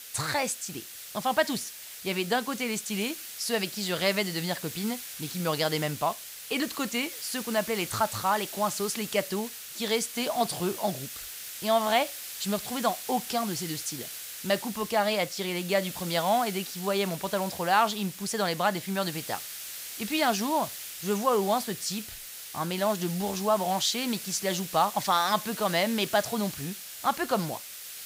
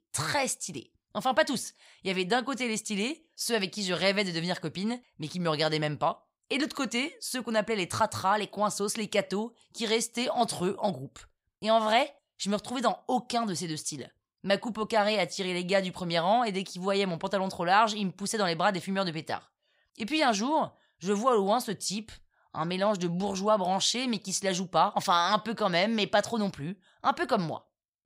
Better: second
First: hiss; loud; throughout; 9 dB below the speech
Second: none

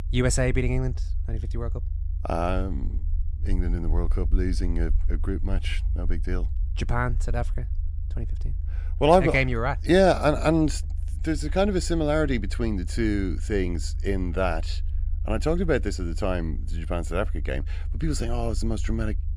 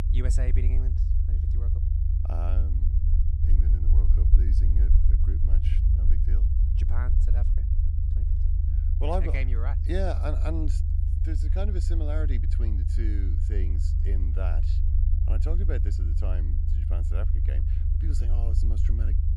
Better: first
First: low rumble; faint; throughout; 25 dB below the speech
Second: low rumble; loud; throughout; 5 dB below the speech

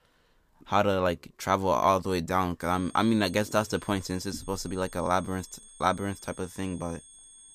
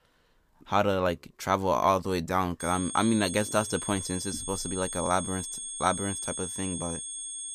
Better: first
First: high-pitched whine; faint; from 2.5 s on; 8.5 kHz, 20 dB below the speech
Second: high-pitched whine; loud; from 2.5 s on; 8.5 kHz, 5 dB below the speech

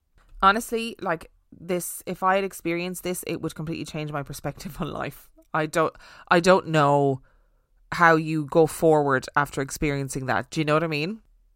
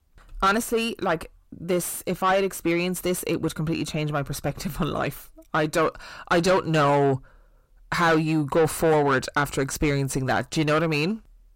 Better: first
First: none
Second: distortion; heavy; 6 dB below the speech

